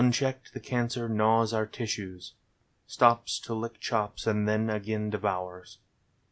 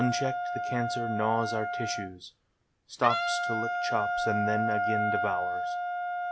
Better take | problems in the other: first | background sound (Wind instrument, woodwind instrument); 2 dB above the speech

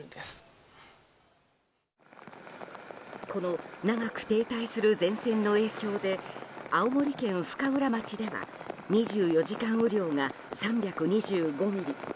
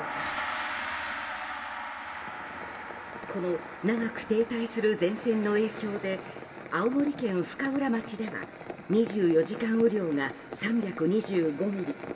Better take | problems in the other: first | background sound (Gong); 11 dB below the speech // room echo; dies away in 2.9 s

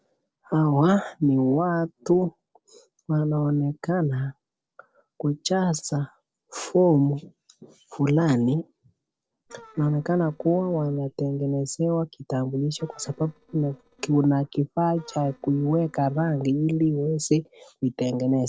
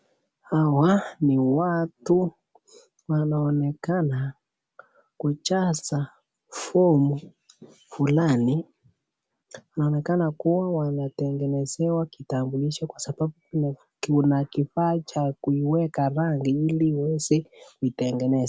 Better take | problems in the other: second | noise reduction (neural separator model SepFormer DNS4)

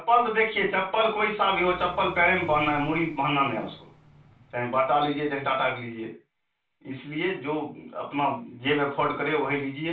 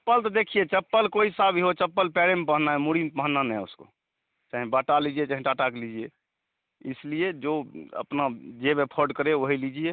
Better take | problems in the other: second | background sound (Vehicle); 19 dB below the speech // room echo; dies away in 0.3 s

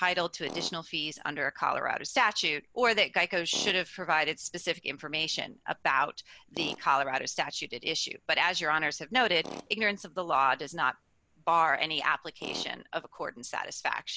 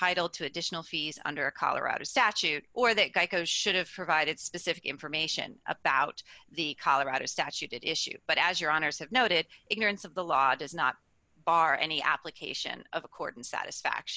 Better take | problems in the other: second | background sound (Tools); 20 dB below the speech

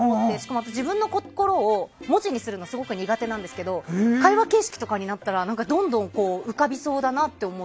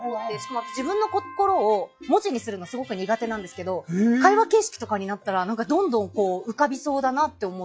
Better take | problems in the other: first | noise reduction (classical method log-MMSE)

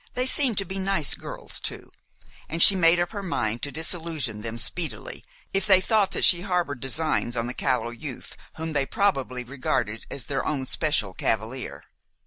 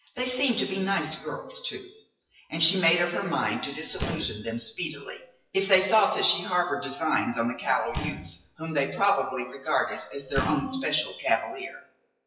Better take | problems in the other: first | noise reduction (classical method WPE with log-MMSE)

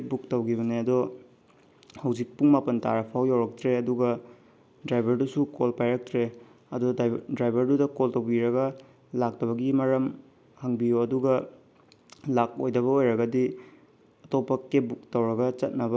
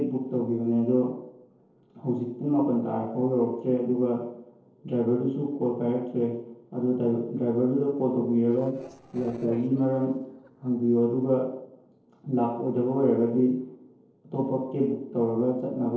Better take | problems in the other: first | noise reduction (neural separator model SepFormer DNS4)

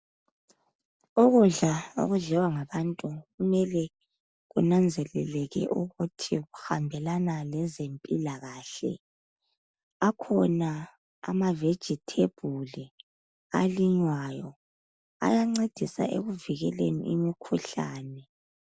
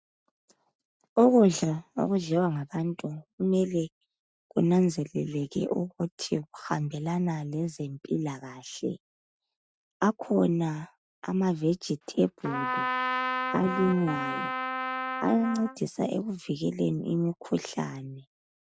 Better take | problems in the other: first | noise reduction (neural mask model RNNoise)

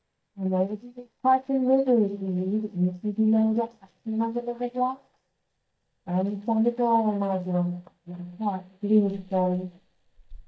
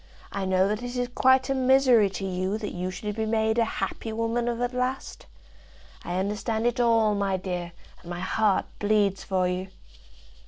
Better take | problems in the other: second | noise reduction (neural mask model DeepFilterNet 3)

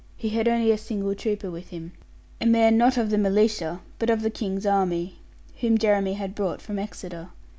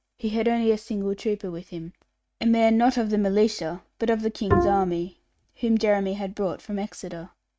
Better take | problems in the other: first | noise reduction (neural mask model RNNoise)

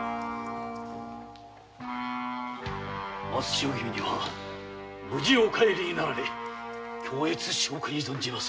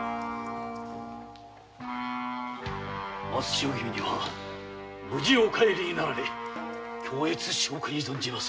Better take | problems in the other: first | background sound (Snare drum); 18 dB below the speech

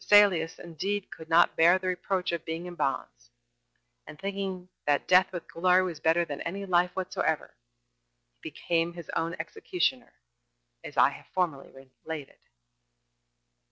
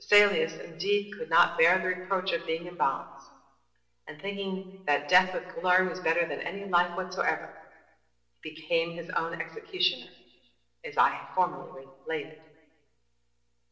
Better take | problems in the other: first | room echo; dies away in 0.8 s

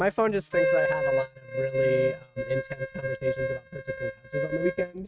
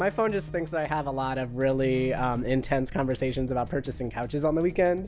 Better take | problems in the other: second | noise reduction (neural mask model RNNoise)

